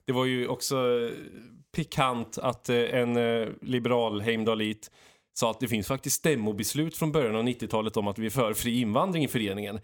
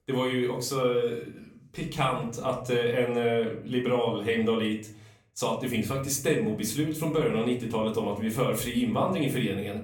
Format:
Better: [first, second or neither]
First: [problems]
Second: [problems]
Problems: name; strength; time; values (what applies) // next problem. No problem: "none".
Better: first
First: none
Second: room echo; slight; dies away in 0.5 s // off-mic speech; somewhat distant